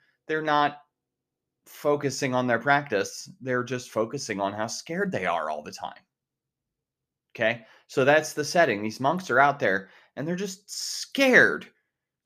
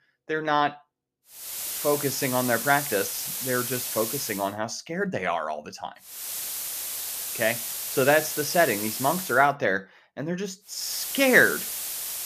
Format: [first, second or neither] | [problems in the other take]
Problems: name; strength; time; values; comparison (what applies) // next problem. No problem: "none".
first | hiss; loud; from 1.5 to 4.5 s, from 6 to 9.5 s and from 11 s on; 4 dB below the speech